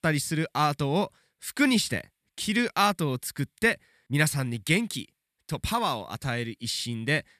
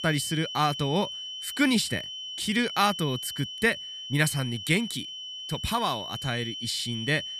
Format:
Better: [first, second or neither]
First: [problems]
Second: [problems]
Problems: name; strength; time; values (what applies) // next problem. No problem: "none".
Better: first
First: none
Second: high-pitched whine; loud; throughout; 3 kHz, 7 dB below the speech